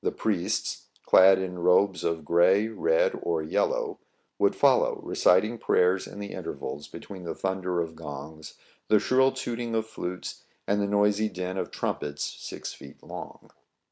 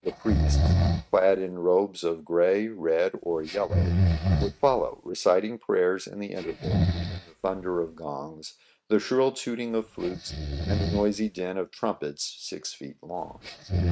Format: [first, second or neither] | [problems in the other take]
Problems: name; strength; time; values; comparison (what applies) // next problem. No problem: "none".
first | noise reduction (neural mask model RNNoise)